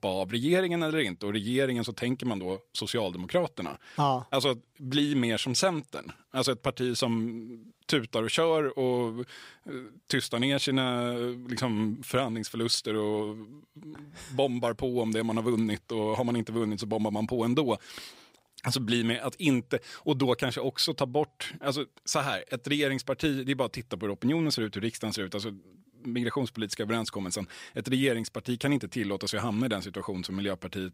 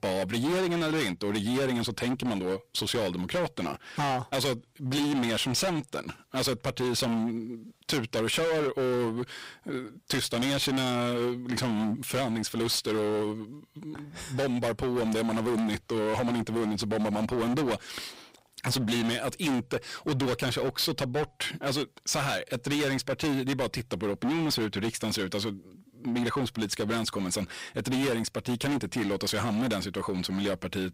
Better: first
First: none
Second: distortion; heavy; 23% of the sound clipped

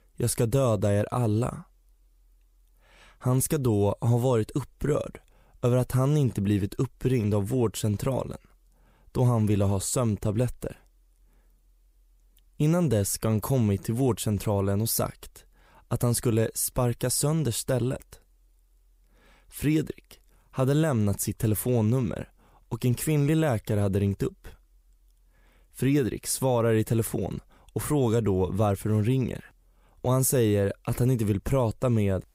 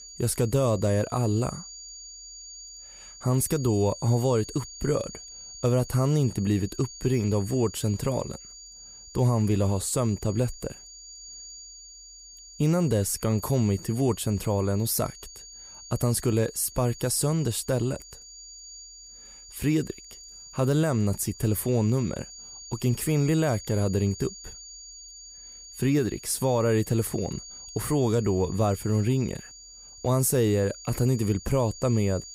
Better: first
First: none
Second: high-pitched whine; noticeable; throughout; 7 kHz, 15 dB below the speech

